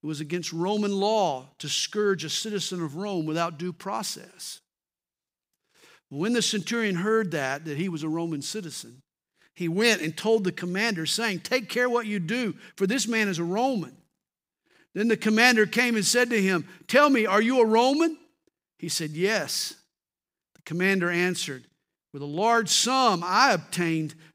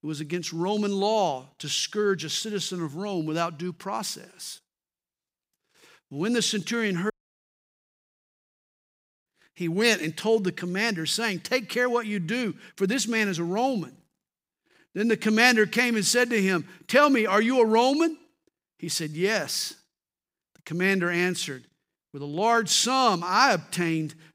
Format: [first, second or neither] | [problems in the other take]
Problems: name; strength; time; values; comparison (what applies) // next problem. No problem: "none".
first | audio cutting out; at 7 s for 2 s